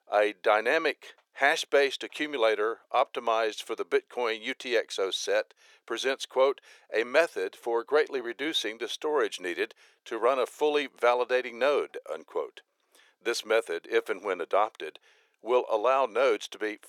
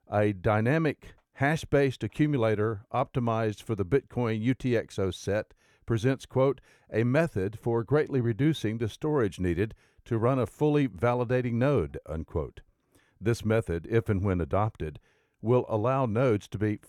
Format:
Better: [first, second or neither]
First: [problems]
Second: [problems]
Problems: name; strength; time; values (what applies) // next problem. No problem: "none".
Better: second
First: thin; very; fading below 450 Hz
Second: none